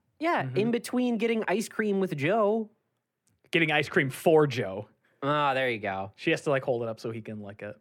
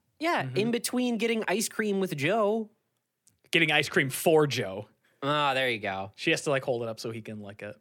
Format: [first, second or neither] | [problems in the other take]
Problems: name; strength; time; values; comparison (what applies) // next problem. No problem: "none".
second | muffled; slightly; fading above 3 kHz